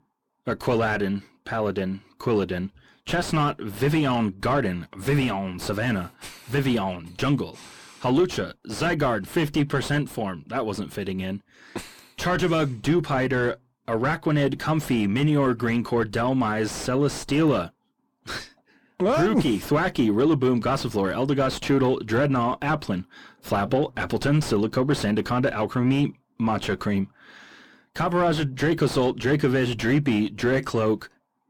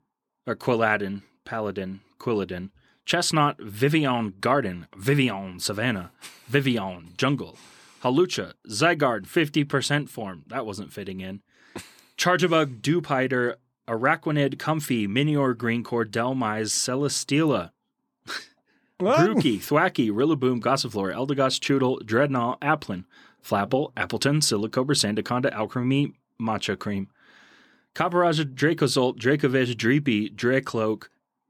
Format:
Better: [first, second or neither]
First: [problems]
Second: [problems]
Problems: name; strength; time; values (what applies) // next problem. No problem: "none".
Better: second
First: distortion; heavy; 6 dB below the speech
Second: none